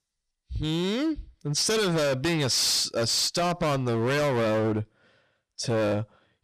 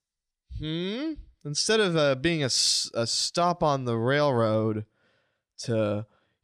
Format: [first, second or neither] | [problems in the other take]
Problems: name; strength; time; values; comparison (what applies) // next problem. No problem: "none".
second | distortion; heavy; 23% of the sound clipped